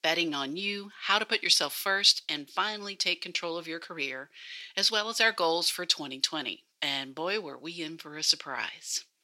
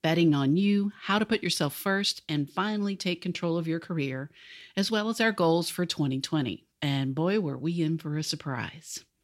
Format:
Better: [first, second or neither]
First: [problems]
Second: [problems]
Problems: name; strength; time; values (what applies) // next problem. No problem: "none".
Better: second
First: thin; very; fading below 550 Hz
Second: none